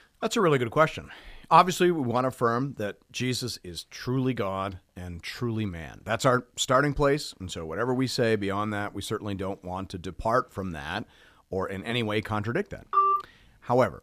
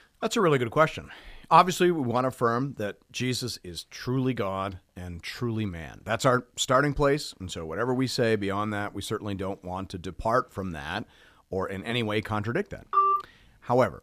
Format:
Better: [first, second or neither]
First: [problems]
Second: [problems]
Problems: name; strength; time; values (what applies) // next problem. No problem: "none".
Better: neither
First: phone ringing; loud; at 13 s; peak 4 dB above the speech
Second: phone ringing; loud; at 13 s; peak 4 dB above the speech